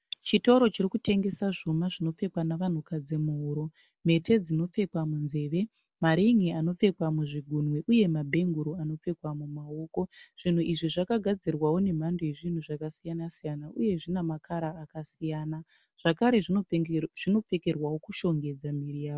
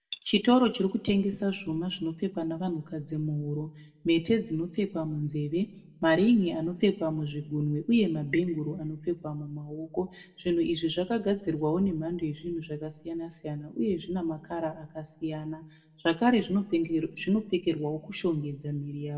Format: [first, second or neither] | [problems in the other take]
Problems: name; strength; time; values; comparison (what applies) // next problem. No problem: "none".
first | room echo; dies away in 0.7 s